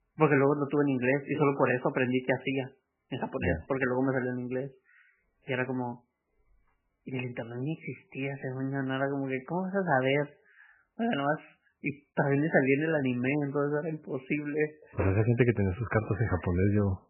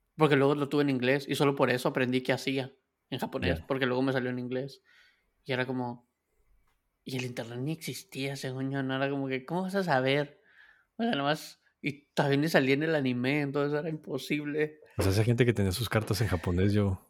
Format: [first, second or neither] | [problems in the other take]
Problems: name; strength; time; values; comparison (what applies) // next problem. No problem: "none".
second | garbled, watery; badly; nothing above 3 kHz